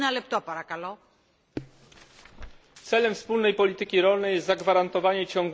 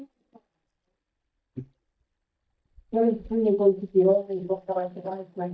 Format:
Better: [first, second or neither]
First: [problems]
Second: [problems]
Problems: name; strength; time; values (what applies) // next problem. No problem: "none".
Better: first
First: none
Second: noise reduction (neural mask model DeepFilterNet 3)